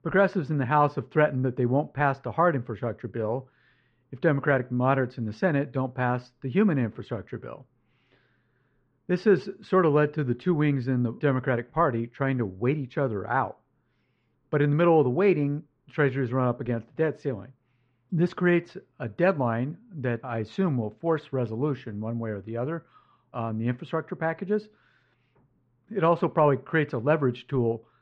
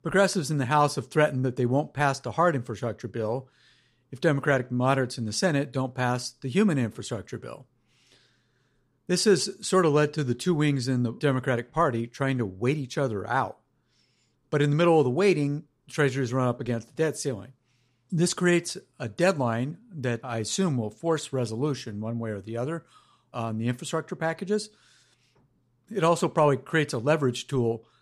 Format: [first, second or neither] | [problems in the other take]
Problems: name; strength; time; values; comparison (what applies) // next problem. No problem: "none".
second | muffled; very; fading above 2.5 kHz